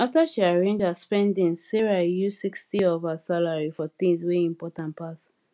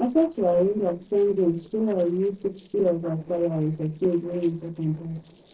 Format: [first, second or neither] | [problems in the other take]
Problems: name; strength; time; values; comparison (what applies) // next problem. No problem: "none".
first | noise reduction (neural separator model SepFormer DNS4)